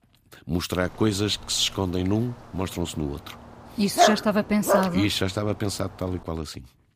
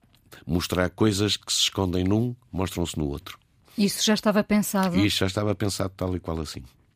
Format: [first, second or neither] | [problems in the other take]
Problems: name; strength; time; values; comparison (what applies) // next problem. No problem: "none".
second | dog barking; loud; at 4 s; peak 5 dB above the speech